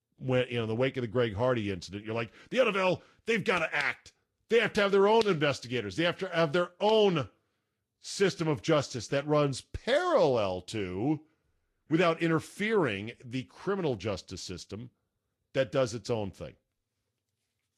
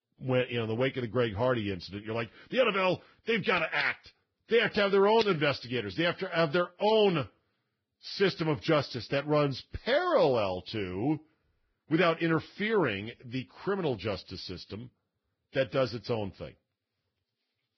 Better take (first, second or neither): first